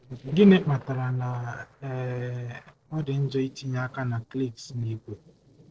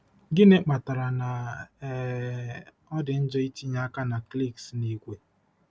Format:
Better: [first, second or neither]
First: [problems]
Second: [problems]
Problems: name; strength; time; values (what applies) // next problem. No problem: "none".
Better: second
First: noise reduction (neural separator model SepFormer DNS4)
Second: none